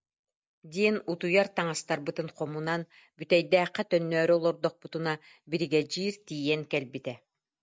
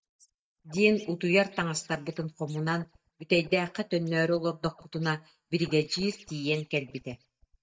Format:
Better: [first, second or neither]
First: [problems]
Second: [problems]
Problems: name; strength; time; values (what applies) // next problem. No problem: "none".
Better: first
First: none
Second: noise reduction (neural mask model DeepFilterNet 3)